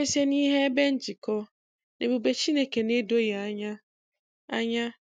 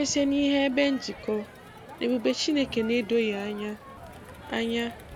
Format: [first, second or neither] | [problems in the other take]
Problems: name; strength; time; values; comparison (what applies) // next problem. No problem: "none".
first | background sound (Crowd); 16 dB below the speech